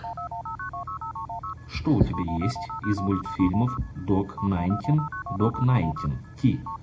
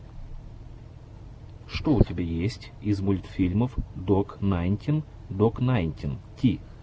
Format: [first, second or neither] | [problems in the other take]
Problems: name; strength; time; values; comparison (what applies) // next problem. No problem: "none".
second | background sound (Telephone); 9 dB below the speech // room echo; dies away in 0.3 s